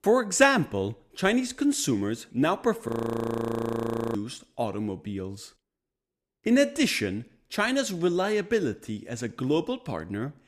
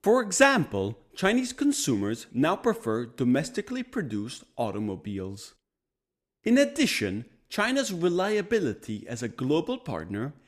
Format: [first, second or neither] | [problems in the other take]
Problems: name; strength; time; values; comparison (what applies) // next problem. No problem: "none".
second | audio freezing; at 3 s for 1.5 s